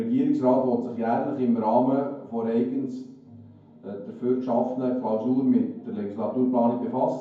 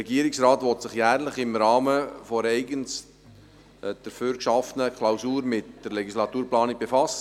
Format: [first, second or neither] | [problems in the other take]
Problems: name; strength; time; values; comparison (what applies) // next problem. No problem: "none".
second | room echo; dies away in 0.9 s